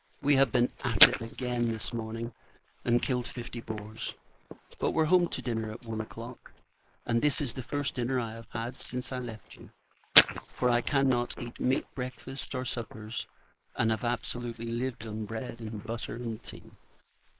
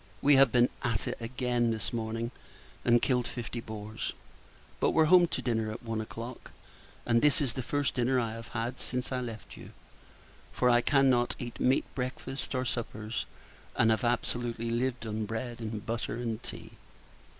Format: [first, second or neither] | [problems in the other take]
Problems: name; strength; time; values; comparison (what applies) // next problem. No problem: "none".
second | noise reduction (neural mask model Resemble Enhance denoiser)